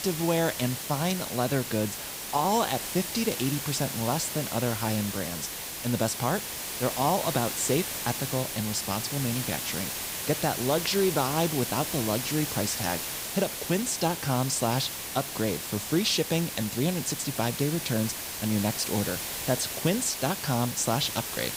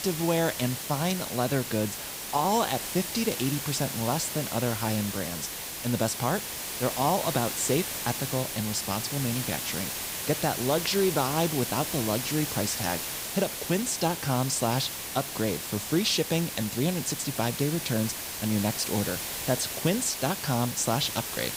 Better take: neither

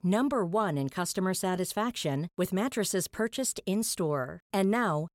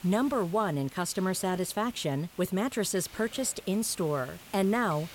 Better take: first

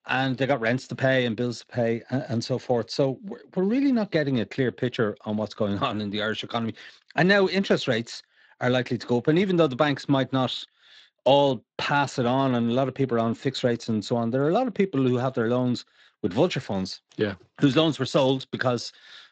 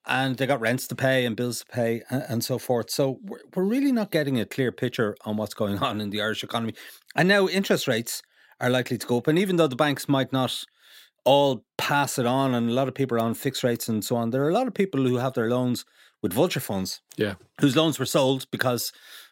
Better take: second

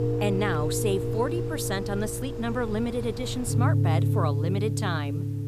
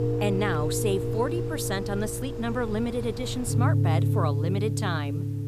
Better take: neither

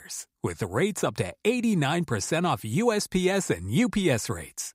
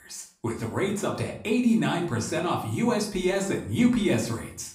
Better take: first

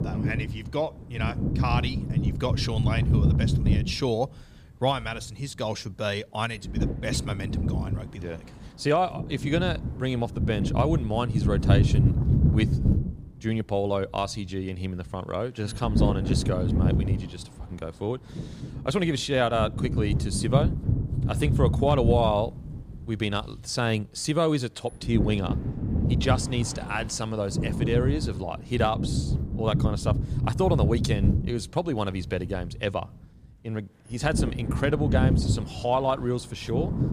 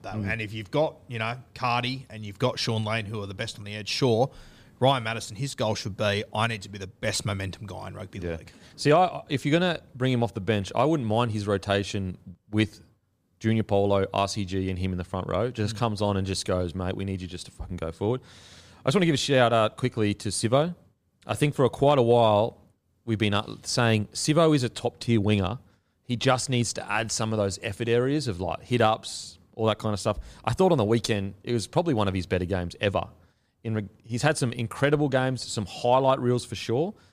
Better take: second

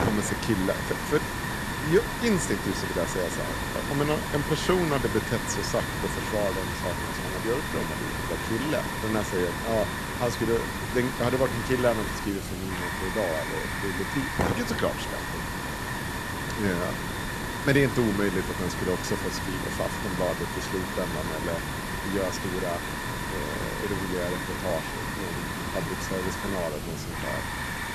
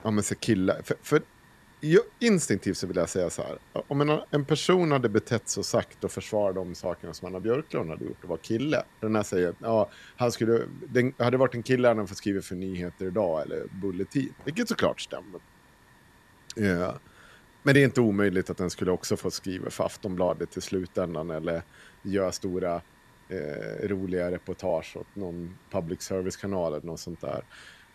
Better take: second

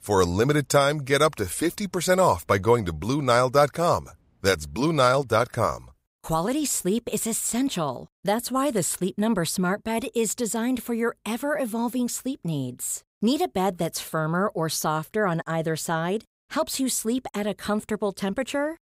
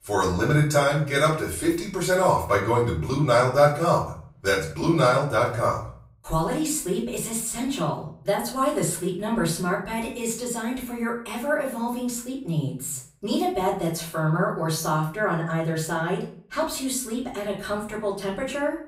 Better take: first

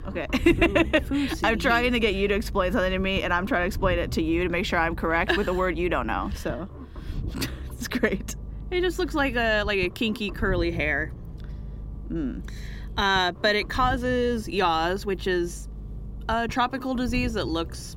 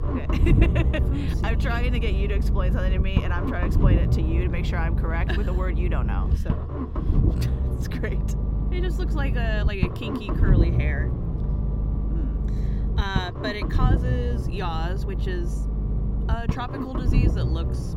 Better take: first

